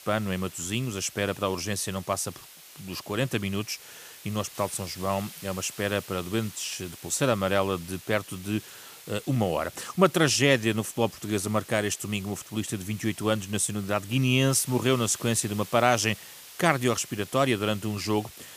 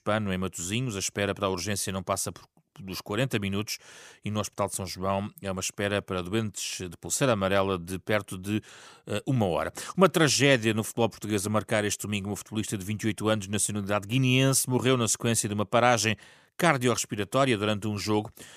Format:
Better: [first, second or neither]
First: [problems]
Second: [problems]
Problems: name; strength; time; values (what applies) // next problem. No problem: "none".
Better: second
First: hiss; noticeable; throughout; 15 dB below the speech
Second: none